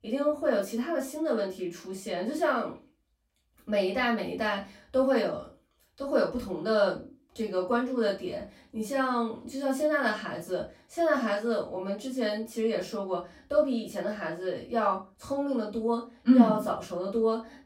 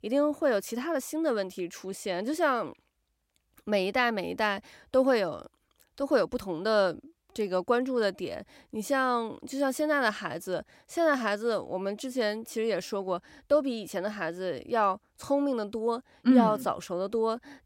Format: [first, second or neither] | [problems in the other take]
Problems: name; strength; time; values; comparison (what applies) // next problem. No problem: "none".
second | off-mic speech; far // room echo; slight; dies away in 0.2 s